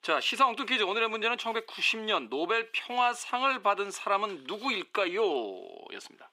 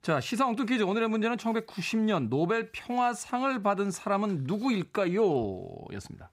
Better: second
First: thin; somewhat; fading below 300 Hz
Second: none

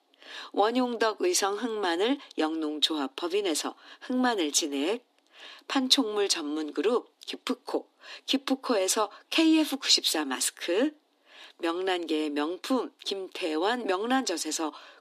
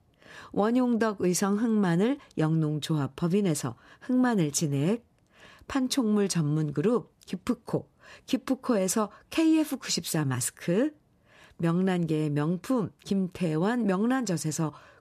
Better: second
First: thin; somewhat; fading below 250 Hz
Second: none

